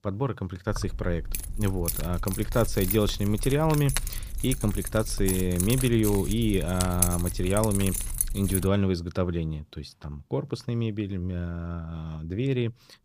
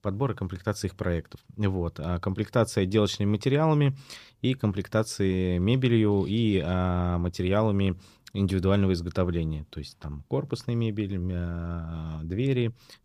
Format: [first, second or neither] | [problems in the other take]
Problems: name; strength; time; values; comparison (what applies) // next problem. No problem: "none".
second | jangling keys; loud; from 0.5 to 8.5 s; peak 2 dB above the speech